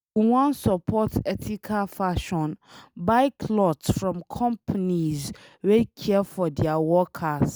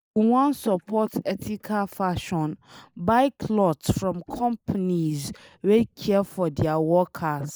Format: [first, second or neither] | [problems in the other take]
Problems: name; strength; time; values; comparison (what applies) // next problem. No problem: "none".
first | noise reduction (neural mask model Resemble Enhance denoiser)